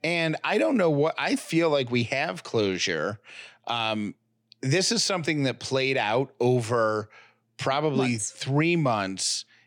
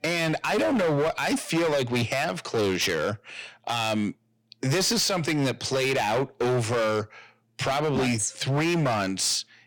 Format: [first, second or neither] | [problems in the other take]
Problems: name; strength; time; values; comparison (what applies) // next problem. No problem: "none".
first | distortion; heavy; 20% of the sound clipped